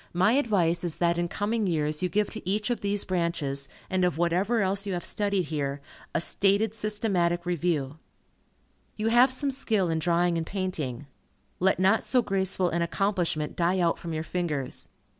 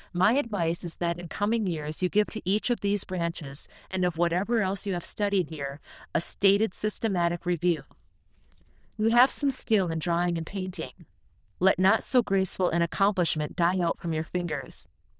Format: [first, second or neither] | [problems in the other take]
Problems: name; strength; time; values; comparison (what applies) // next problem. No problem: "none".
first | noise reduction (neural diffusion model UNIVERSE++)